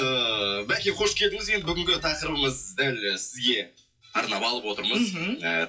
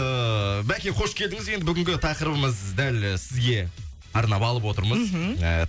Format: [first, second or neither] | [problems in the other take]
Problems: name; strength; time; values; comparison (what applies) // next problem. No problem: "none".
second | noise reduction (classical method WPE with log-MMSE)